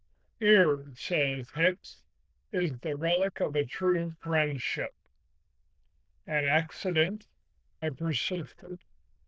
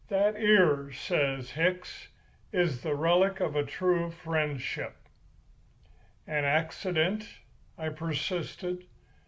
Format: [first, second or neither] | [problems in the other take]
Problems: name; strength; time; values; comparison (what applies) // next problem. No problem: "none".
second | noise reduction (neural diffusion model UNIVERSE++)